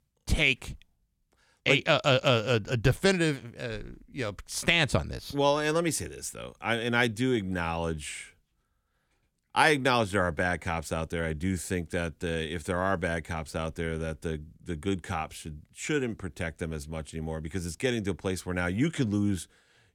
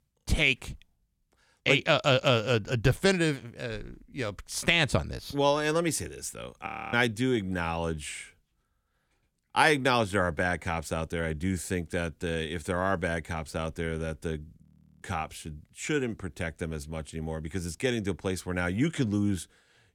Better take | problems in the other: first | audio freezing; at 6.5 s and at 15 s

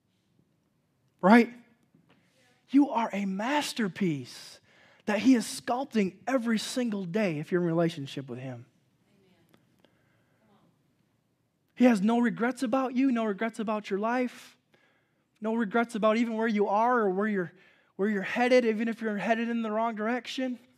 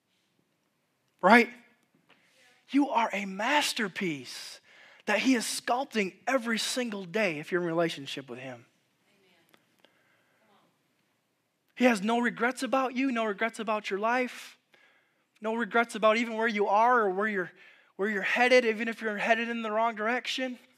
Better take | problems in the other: first | thin; very slightly; fading below 600 Hz

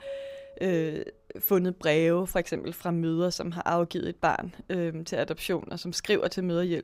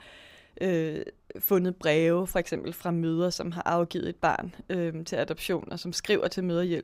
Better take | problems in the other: second | doorbell; faint; until 1 s; peak 10 dB below the speech

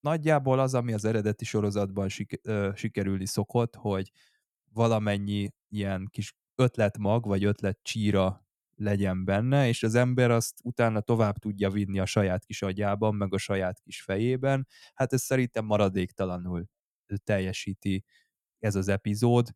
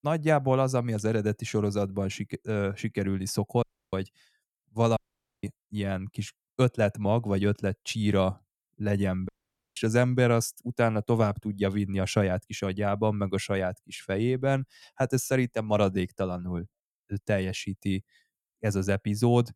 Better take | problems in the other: first | audio cutting out; at 3.5 s, at 5 s and at 9.5 s

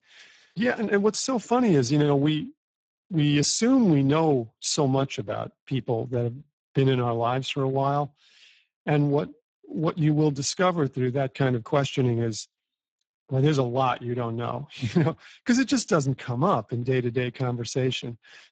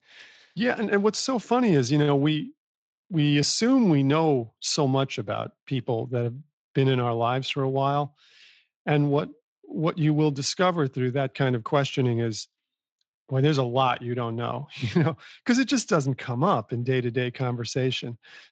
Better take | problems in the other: second | garbled, watery; badly; nothing above 8 kHz; slightly in the second

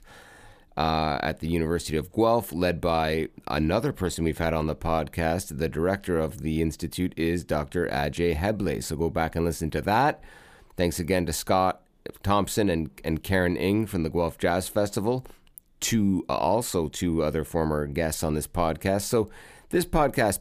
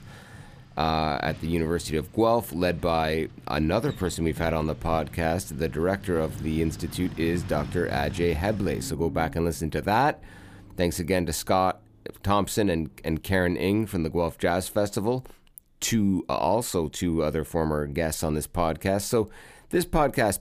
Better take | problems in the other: first | traffic noise; noticeable; throughout; 15 dB below the speech

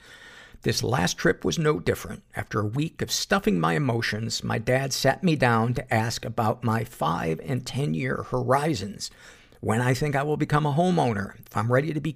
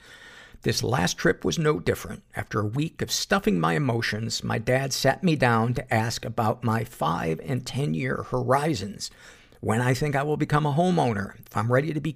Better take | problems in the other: neither | none

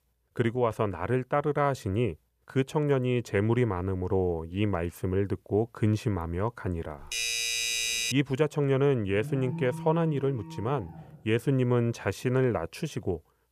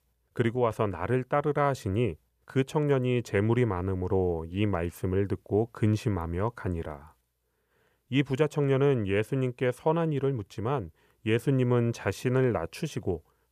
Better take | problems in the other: second | doorbell; loud; from 7 to 8 s; peak 2 dB above the speech // alarm; noticeable; from 9 to 11 s; peak 8 dB below the speech

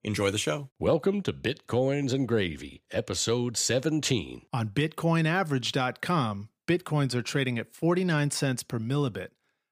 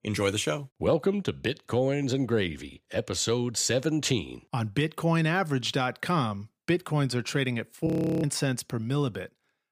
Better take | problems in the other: first | audio freezing; at 8 s

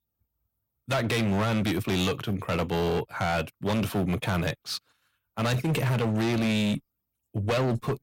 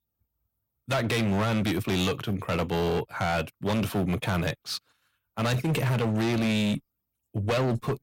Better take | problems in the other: neither | distortion; heavy; 17% of the sound clipped; the same in both

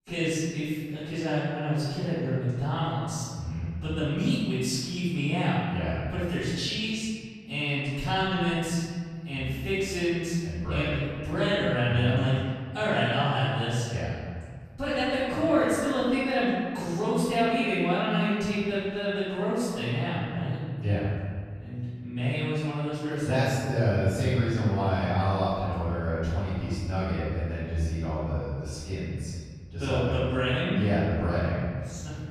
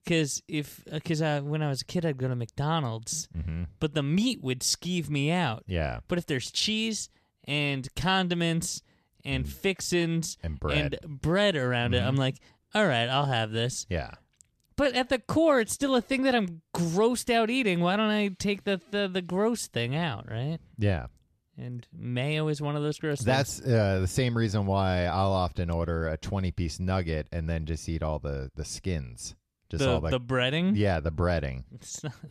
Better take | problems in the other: second | room echo; strong; dies away in 1.8 s // off-mic speech; far

